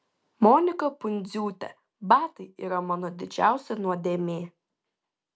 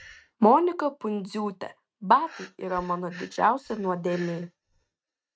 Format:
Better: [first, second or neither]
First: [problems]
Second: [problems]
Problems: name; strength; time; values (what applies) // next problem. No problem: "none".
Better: first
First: none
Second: noise reduction (neural mask model RNNoise)